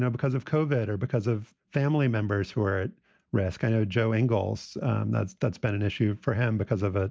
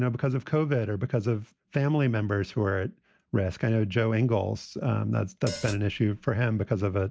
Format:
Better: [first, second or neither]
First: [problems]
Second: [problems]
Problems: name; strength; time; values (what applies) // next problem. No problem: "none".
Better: first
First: none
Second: background sound (Hi-hat); 14 dB below the speech